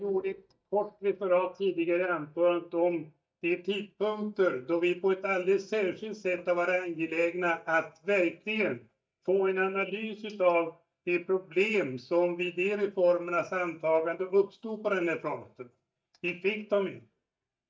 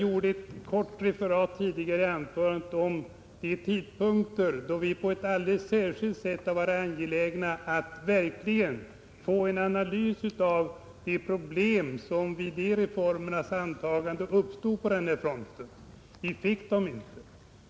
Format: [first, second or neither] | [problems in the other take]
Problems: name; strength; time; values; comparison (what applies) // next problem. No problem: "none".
second | noise reduction (neural mask model DeepFilterNet 3)